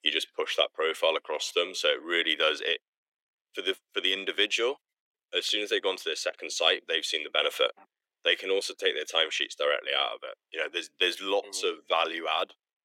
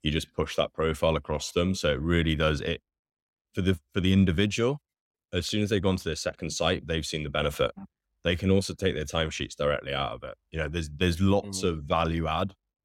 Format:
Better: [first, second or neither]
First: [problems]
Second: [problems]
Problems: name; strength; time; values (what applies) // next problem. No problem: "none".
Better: second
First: thin; very; fading below 350 Hz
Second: none